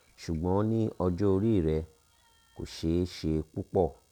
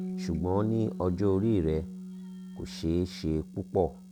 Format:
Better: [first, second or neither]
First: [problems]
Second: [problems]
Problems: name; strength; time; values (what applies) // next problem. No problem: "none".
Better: first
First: none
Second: background sound (Bass guitar); 10 dB below the speech